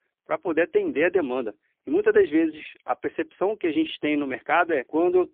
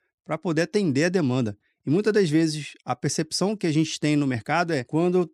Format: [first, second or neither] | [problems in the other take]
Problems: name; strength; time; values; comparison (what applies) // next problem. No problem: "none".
second | phone-call audio; poor line; nothing above 3.5 kHz